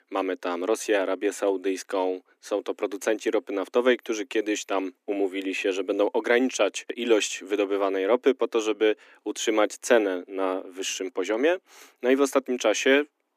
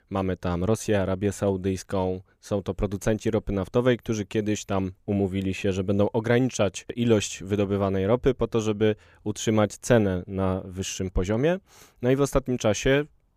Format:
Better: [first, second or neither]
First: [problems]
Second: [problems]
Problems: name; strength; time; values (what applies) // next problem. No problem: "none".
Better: second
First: thin; somewhat; fading below 250 Hz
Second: none